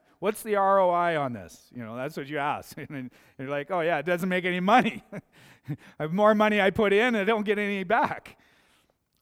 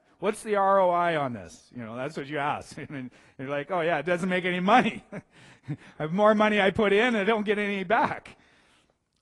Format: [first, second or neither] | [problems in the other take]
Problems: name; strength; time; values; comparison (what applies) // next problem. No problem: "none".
first | garbled, watery; slightly; nothing above 10.5 kHz